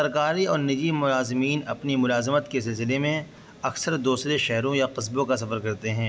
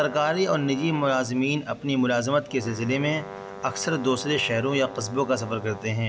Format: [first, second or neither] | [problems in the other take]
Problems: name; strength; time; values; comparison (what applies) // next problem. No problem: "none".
first | background sound (Brass instrument); 15 dB below the speech